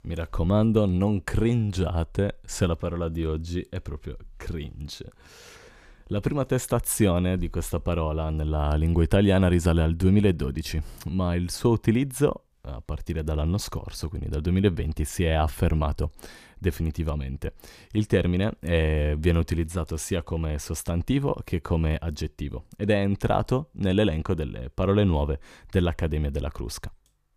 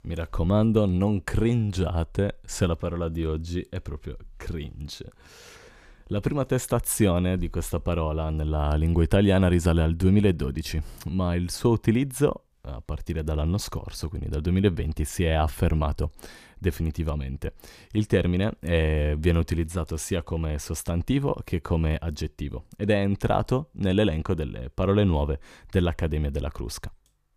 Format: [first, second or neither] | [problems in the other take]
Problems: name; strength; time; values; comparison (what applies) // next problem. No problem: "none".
neither | none